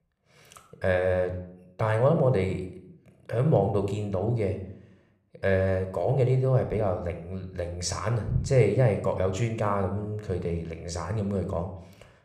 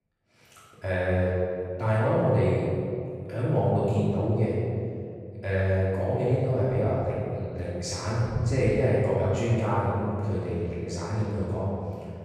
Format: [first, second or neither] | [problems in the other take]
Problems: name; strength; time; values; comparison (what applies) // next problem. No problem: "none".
first | room echo; strong; dies away in 2.2 s; slight in the first // off-mic speech; far